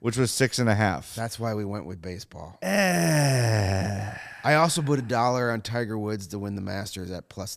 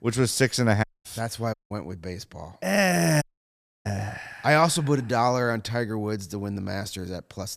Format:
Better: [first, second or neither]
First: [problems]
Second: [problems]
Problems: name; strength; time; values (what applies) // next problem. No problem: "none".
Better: first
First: none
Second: audio cutting out; at 1 s, at 1.5 s and at 3 s for 0.5 s